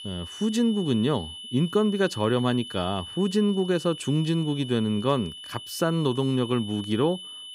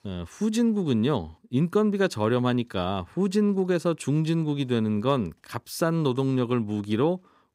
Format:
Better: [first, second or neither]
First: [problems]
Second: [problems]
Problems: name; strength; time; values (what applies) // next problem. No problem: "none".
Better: second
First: high-pitched whine; noticeable; throughout; 3 kHz, 10 dB below the speech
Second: none